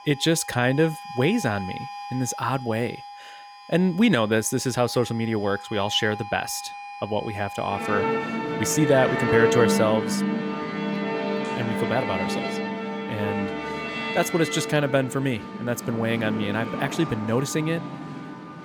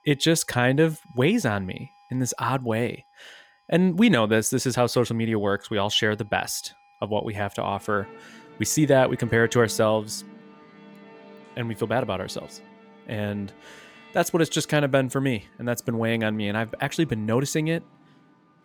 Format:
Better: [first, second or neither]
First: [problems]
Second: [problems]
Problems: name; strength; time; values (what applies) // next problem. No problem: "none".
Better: second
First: background music; loud; throughout; 4 dB below the speech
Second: background music; faint; throughout; 25 dB below the speech